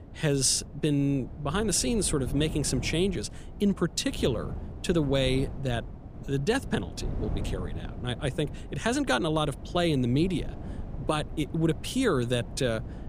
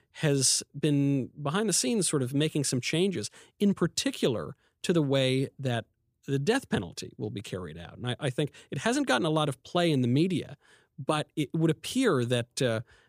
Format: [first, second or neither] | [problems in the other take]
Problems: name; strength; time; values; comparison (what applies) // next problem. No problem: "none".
second | wind noise on the microphone; occasional gusts; 15 dB below the speech